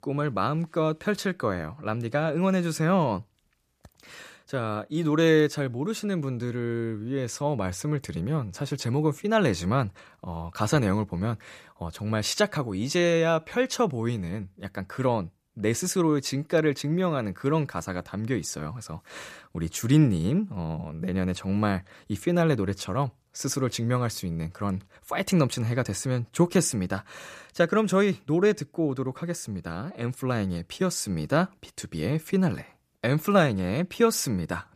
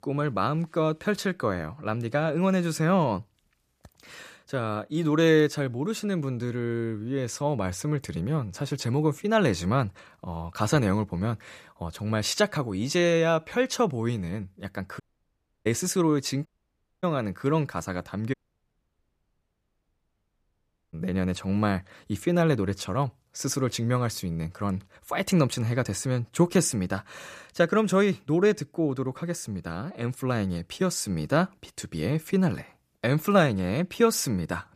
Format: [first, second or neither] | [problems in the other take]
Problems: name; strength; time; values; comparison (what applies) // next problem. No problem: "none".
first | audio cutting out; at 15 s for 0.5 s, at 16 s for 0.5 s and at 18 s for 2.5 s